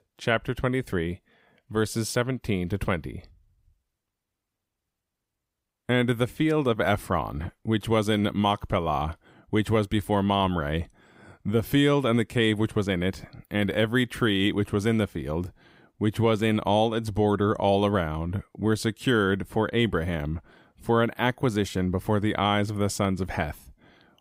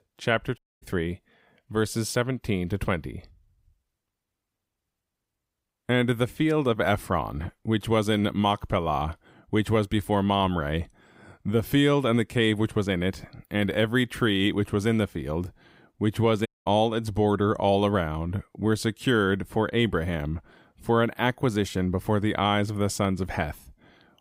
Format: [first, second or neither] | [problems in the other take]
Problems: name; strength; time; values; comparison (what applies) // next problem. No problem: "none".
first | audio cutting out; at 0.5 s and at 16 s